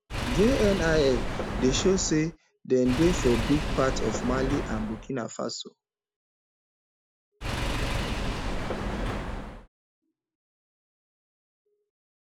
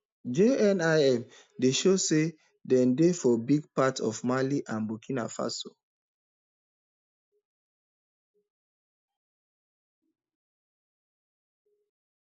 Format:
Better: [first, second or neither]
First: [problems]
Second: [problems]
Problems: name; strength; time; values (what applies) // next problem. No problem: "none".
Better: second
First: background sound (Engine / Car); 1 dB below the speech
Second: none